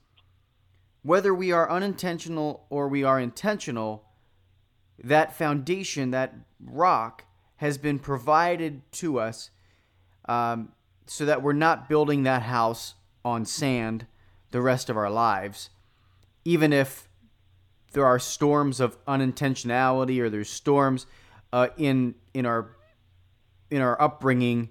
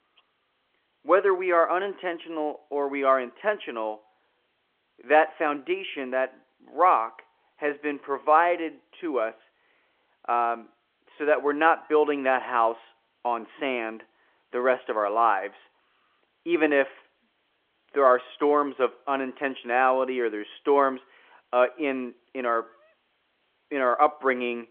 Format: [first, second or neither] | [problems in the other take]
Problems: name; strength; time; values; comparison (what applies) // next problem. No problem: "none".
first | phone-call audio